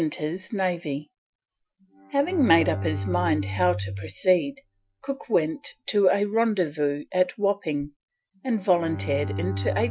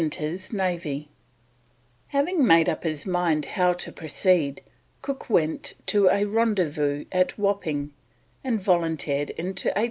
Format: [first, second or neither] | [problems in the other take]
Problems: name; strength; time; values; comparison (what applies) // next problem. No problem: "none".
second | noise reduction (classical method Wiener filter)